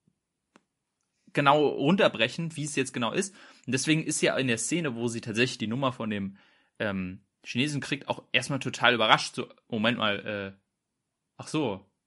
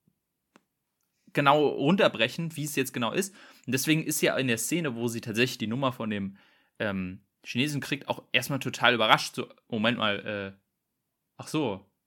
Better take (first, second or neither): second